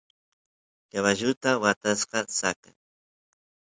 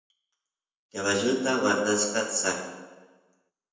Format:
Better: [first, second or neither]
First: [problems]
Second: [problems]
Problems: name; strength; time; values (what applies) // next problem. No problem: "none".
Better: first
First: none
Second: room echo; dies away in 1 s